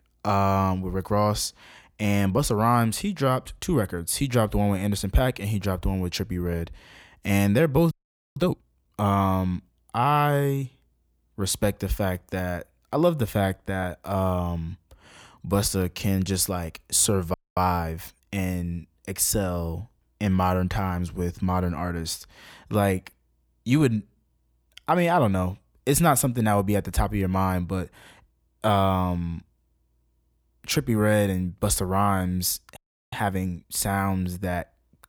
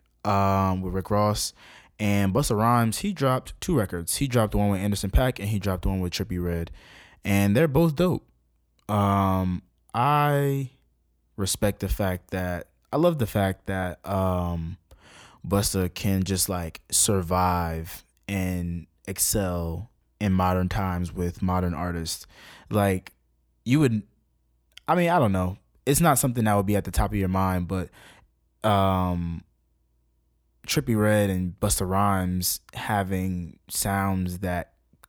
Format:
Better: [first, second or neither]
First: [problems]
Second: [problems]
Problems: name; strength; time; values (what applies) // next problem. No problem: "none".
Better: second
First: audio freezing; at 8 s, at 17 s and at 33 s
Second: none